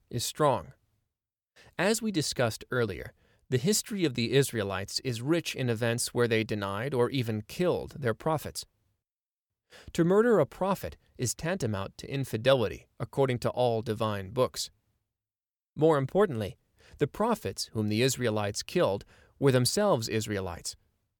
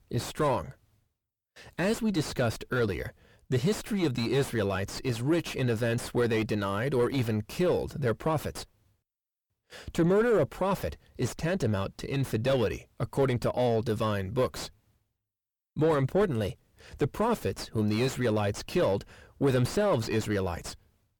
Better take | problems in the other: first | distortion; heavy; 5 dB below the speech

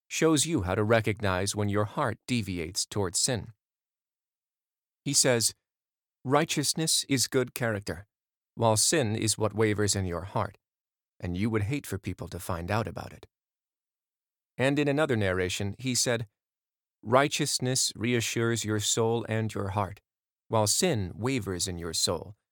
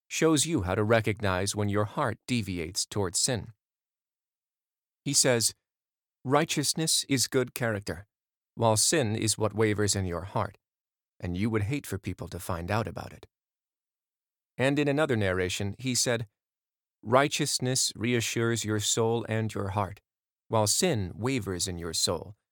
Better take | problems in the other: neither | none

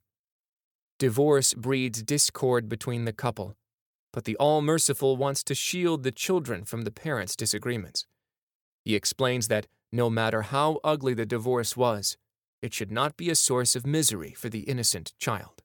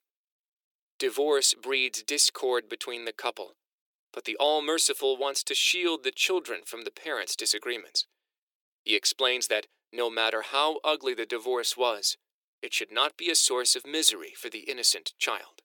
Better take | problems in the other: first | thin; very; fading below 350 Hz

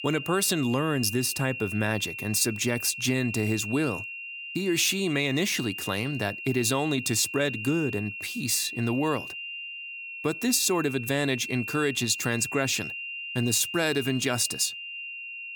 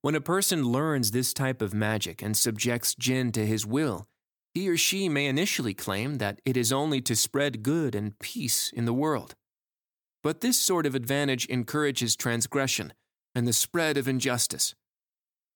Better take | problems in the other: second | high-pitched whine; loud; throughout; 3 kHz, 8 dB below the speech

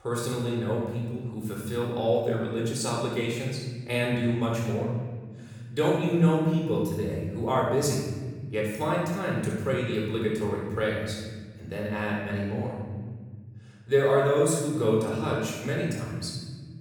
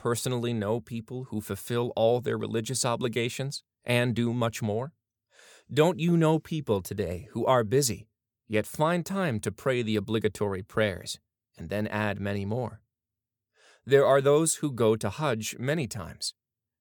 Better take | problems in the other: second | off-mic speech; far // room echo; strong; dies away in 1.9 s

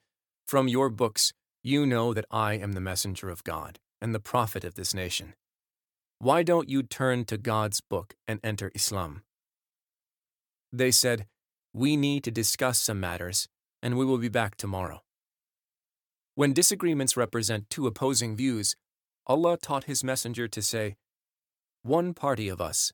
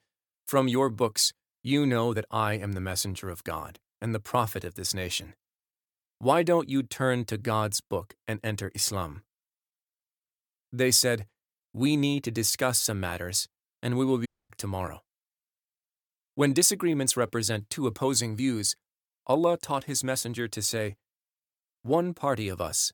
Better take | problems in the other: first | audio cutting out; at 14 s

